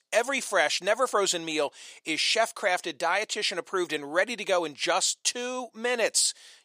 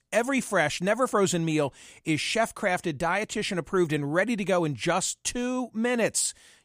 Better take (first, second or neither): second